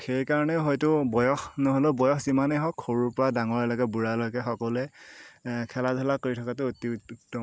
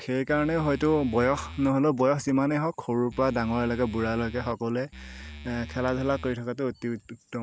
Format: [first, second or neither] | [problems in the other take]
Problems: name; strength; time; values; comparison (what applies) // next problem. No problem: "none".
first | background sound (Musical instrument); 15 dB below the speech